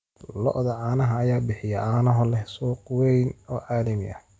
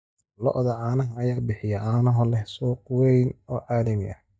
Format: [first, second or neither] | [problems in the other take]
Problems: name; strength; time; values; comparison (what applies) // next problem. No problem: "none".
first | noise reduction (neural mask model DeepFilterNet 3)